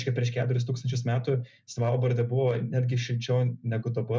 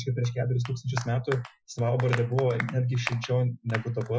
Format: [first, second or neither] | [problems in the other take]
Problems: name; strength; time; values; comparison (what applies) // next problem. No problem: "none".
first | noise reduction (classical method Wiener filter)